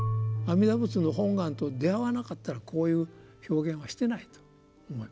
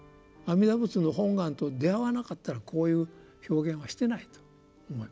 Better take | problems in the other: second | background sound (Marimba, xylophone / Wood); 8 dB below the speech

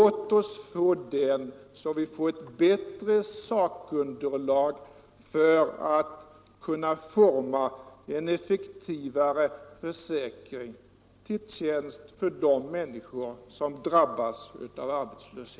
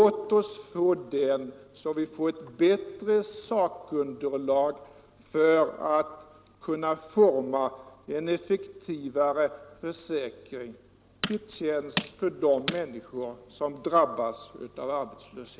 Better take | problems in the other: first | background sound (Tools); 9 dB below the speech

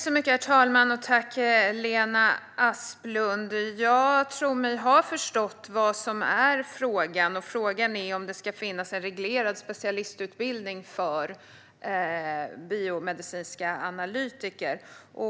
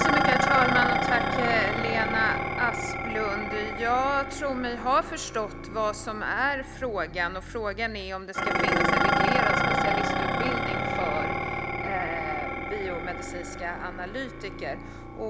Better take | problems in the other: first | background sound (Dishes, pots, and pans); 2 dB above the speech

